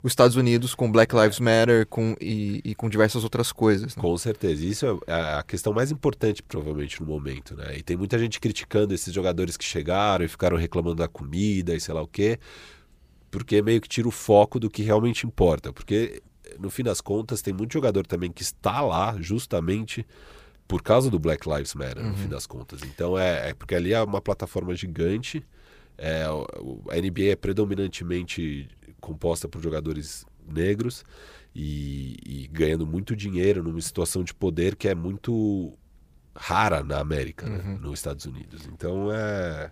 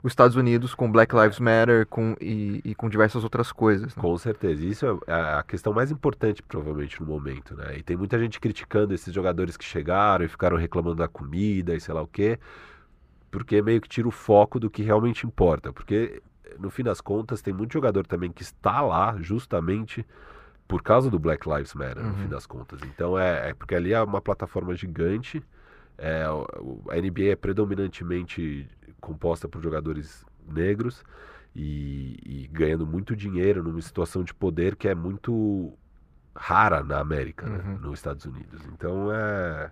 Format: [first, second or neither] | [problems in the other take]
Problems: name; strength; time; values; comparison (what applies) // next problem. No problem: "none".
first | muffled; slightly; fading above 3.5 kHz